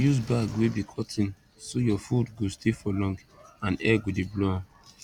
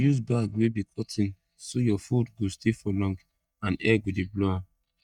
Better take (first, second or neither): first